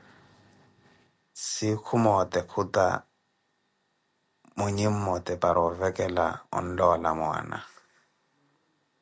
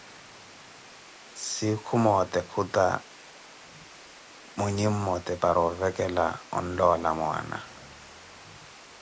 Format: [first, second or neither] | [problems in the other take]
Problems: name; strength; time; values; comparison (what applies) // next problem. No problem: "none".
first | background sound (Water); 19 dB below the speech